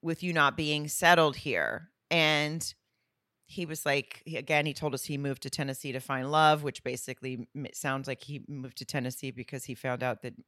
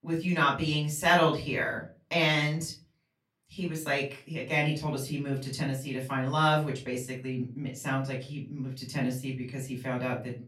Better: first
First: none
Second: off-mic speech; far // room echo; slight; dies away in 0.3 s

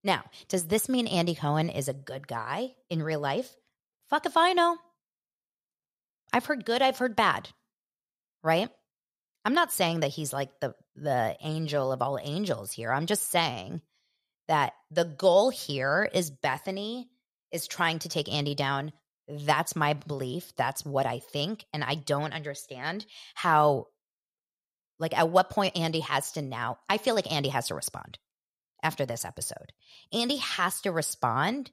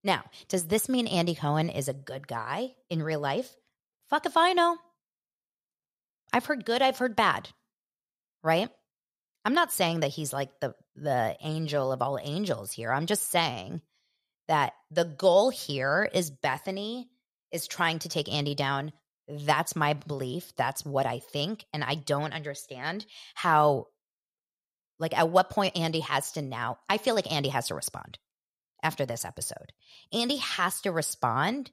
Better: neither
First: none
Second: none

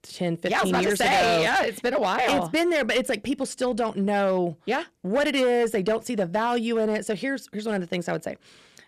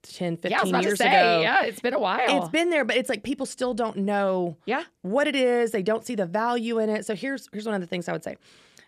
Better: second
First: distortion; slight; 9% of the sound clipped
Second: none

